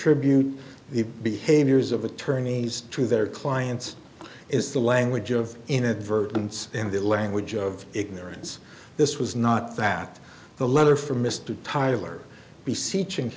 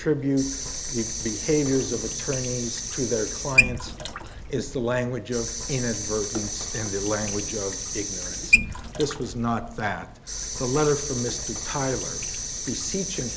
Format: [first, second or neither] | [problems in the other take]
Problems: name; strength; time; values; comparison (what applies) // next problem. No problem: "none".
first | background sound (Sink (filling or washing) / Water tap, faucet); 1 dB below the speech